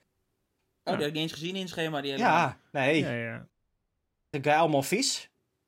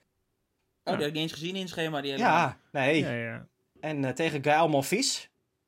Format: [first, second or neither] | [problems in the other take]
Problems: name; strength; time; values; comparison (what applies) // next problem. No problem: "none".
second | audio cutting out; at 3.5 s for 1 s